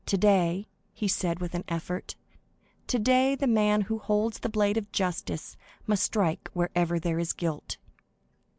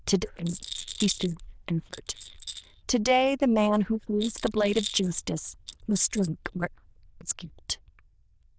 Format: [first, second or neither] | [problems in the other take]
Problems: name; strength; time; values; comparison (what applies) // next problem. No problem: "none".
first | noise reduction (neural diffusion model UNIVERSE++)